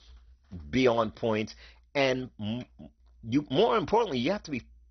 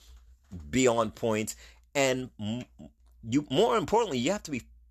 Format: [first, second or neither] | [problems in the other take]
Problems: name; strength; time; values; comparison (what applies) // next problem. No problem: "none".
second | garbled, watery; badly; nothing above 6 kHz